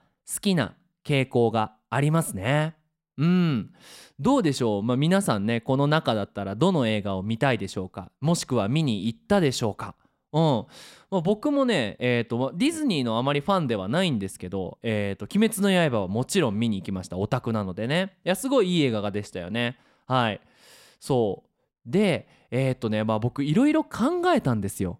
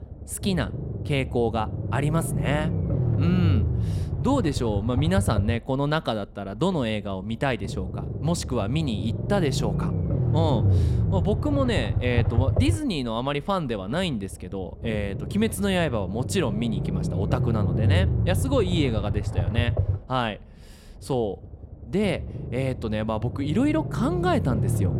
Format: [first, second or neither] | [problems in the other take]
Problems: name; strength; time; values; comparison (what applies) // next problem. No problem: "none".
first | low rumble; loud; throughout; 9 dB below the speech